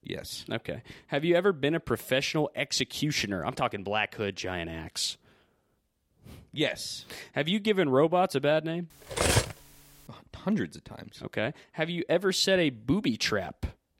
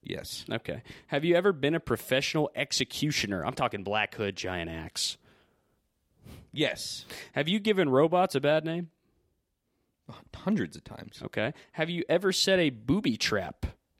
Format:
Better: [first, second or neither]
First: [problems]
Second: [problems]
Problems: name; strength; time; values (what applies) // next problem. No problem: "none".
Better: second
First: clattering dishes; loud; at 9 s; peak 4 dB above the speech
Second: none